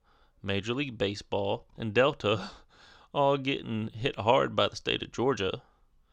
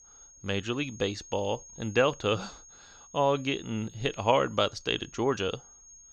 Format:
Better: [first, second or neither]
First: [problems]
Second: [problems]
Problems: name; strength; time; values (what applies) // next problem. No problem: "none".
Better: first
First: none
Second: high-pitched whine; faint; throughout; 6.5 kHz, 20 dB below the speech